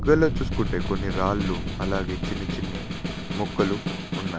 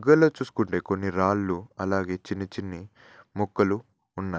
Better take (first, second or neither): second